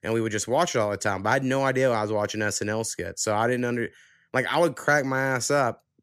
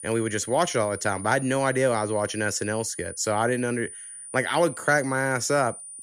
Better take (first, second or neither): first